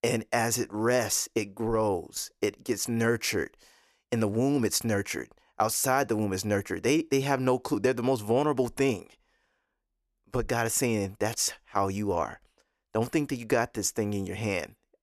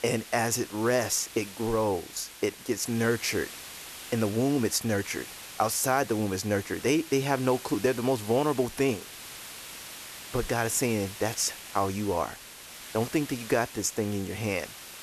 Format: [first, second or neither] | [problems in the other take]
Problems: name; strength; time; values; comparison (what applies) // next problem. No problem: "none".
first | hiss; noticeable; throughout; 15 dB below the speech